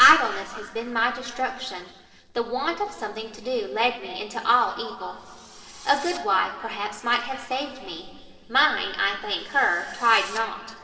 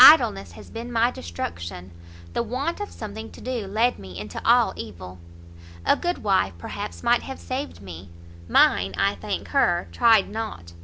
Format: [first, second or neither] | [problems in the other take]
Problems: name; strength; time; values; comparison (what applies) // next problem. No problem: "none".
second | noise reduction (neural separator model SepFormer DNS4)